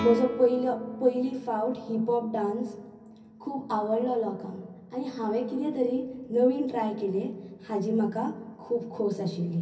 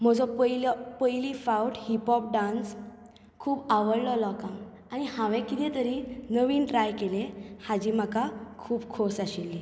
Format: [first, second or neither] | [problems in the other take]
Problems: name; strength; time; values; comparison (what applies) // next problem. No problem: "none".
second | background sound (Guitar); 16 dB below the speech // room echo; dies away in 0.3 s